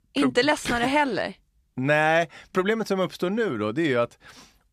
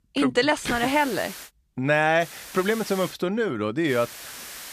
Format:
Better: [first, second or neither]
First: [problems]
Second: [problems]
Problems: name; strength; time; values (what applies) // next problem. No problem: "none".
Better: first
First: none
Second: hiss; noticeable; at 0.5 s, at 2 s and at 4 s; 15 dB below the speech